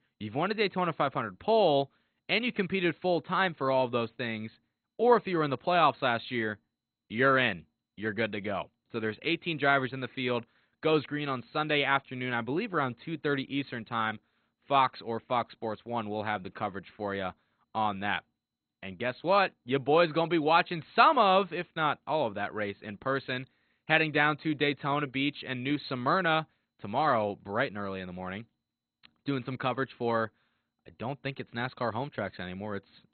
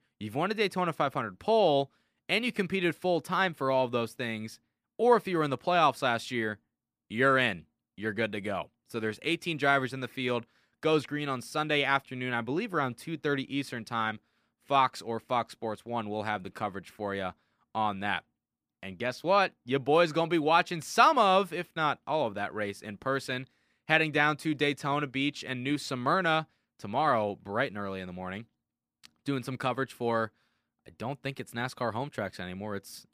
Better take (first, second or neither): second